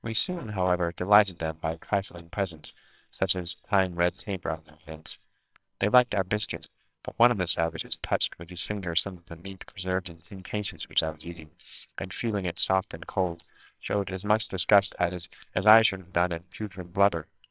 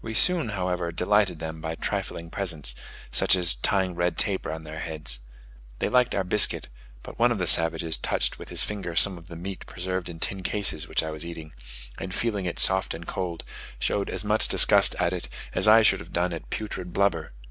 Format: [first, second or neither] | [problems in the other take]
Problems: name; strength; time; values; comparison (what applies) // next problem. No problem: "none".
second | noise reduction (neural separator model SepFormer WHAMR!)